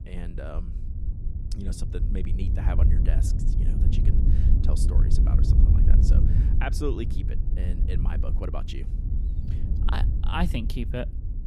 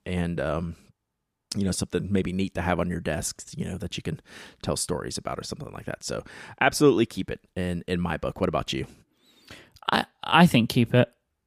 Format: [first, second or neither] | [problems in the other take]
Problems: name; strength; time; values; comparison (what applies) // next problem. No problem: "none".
second | wind noise on the microphone; heavy; 4 dB below the speech